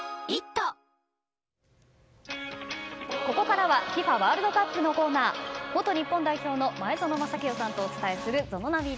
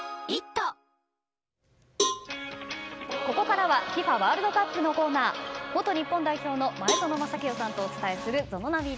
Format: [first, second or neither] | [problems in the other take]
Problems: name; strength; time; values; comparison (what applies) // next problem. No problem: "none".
first | background sound (Cowbell); 6 dB below the speech